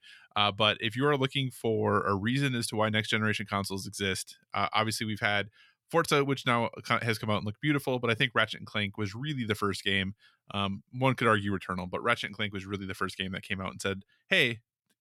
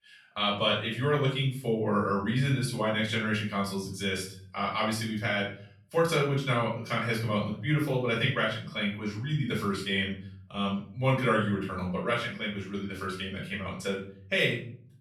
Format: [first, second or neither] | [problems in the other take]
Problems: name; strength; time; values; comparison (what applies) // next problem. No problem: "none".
first | off-mic speech; far // room echo; noticeable; dies away in 0.5 s